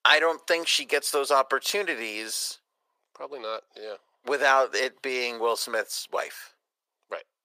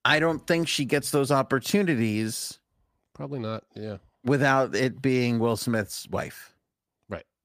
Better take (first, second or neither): second